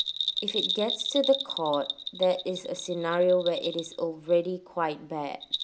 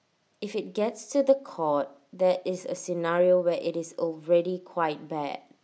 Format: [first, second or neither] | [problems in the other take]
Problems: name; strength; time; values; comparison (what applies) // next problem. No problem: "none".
second | background sound (Bell); 6 dB below the speech